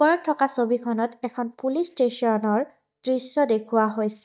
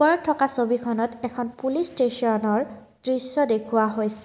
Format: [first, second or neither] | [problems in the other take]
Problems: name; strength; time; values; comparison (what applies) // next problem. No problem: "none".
second | noise reduction (neural mask model DeepFilterNet 3)